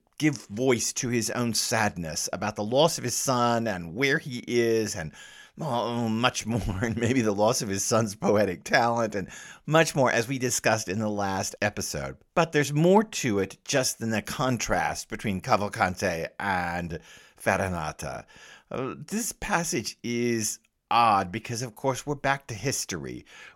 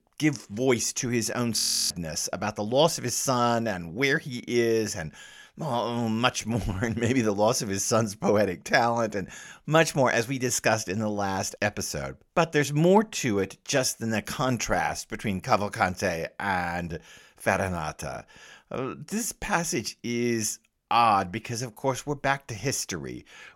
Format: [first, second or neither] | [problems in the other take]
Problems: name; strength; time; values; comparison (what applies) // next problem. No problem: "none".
first | audio freezing; at 1.5 s